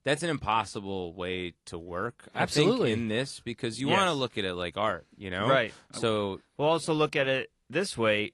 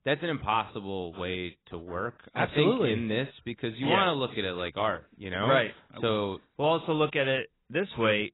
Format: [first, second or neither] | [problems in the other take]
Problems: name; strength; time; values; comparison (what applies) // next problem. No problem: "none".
first | garbled, watery; badly; nothing above 4 kHz; slightly in the first